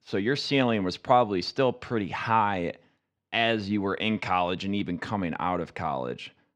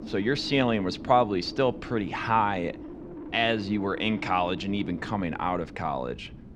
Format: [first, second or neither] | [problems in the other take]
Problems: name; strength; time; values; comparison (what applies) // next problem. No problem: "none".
first | wind noise on the microphone; occasional gusts; 20 dB below the speech